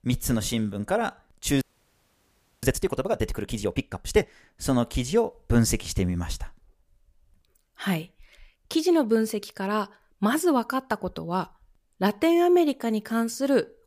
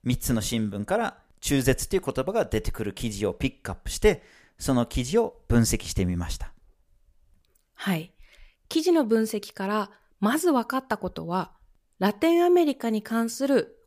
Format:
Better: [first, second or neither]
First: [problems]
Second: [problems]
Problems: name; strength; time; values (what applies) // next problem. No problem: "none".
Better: second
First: audio freezing; at 1.5 s for 1 s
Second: none